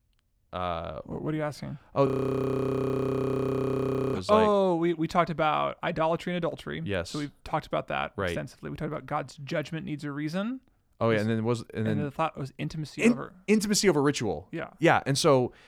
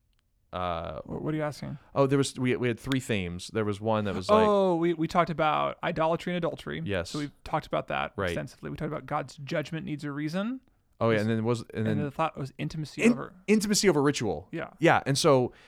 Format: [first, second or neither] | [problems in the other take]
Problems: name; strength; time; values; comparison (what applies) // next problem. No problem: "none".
second | audio freezing; at 2 s for 2 s